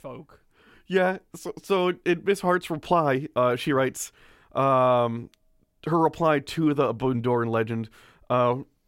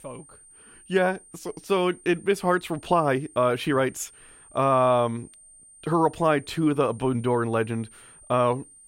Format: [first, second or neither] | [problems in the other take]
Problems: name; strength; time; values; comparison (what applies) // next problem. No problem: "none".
first | high-pitched whine; faint; throughout; 9 kHz, 25 dB below the speech